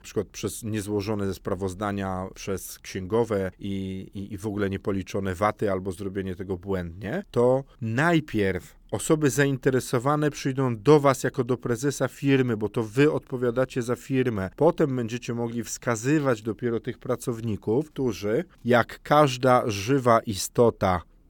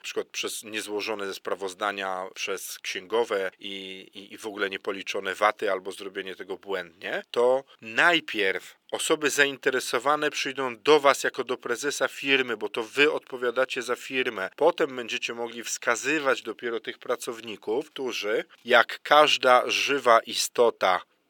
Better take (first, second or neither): first